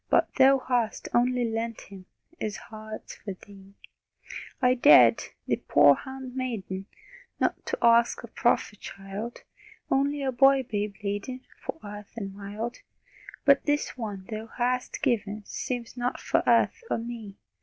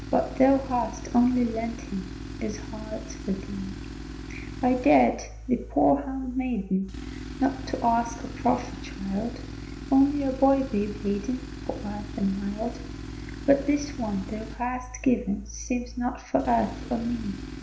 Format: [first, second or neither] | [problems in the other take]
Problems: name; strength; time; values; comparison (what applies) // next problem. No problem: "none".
first | background sound (Tools); 10 dB below the speech // room echo; dies away in 0.5 s